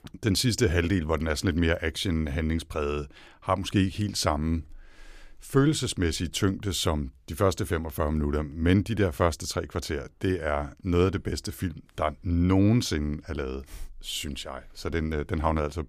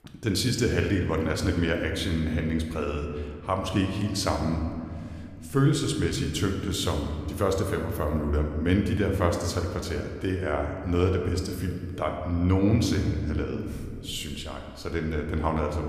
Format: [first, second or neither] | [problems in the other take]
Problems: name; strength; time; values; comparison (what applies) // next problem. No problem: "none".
first | room echo; slight; dies away in 1.8 s